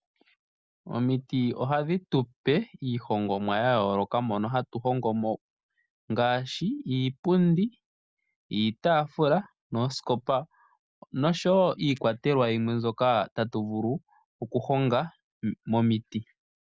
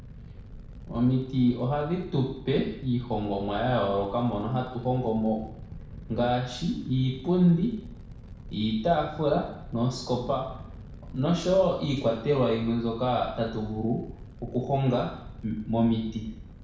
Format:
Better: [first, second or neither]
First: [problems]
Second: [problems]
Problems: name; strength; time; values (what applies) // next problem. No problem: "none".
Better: first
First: none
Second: background sound (Fire); 15 dB below the speech // room echo; dies away in 0.7 s